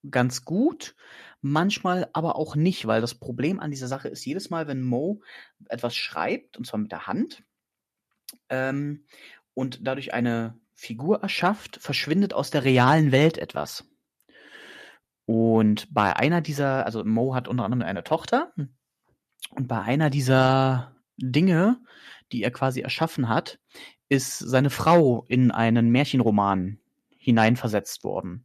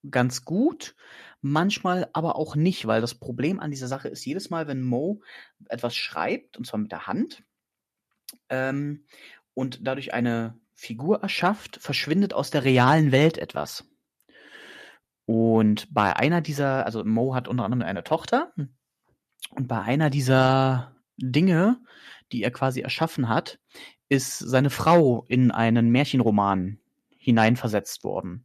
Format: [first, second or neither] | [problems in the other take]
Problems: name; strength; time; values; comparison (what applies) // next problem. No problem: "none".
neither | none